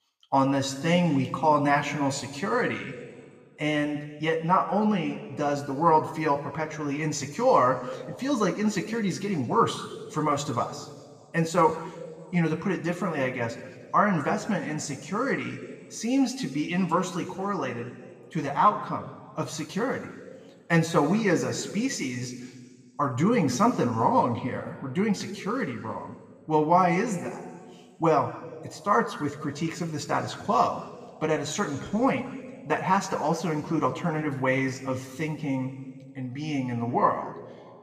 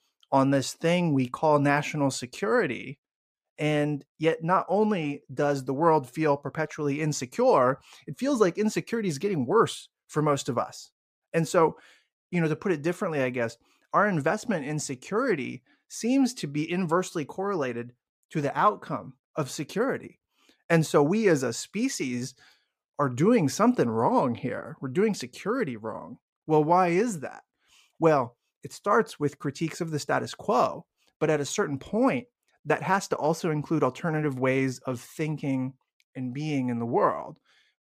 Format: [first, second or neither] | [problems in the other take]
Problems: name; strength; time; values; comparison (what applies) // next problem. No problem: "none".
second | room echo; slight; dies away in 1.6 s // off-mic speech; somewhat distant